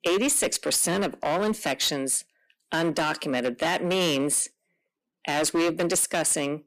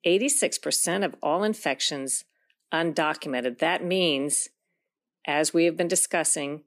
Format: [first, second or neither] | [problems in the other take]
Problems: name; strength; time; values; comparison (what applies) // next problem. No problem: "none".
second | distortion; heavy; 15% of the sound clipped